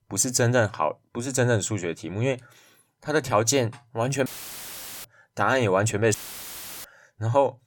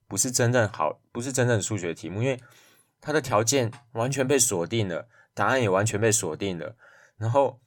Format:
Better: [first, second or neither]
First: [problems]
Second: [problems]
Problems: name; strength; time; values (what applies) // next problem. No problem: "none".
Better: second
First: audio cutting out; filled with static; at 4.5 s for 1 s and at 6 s for 0.5 s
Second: none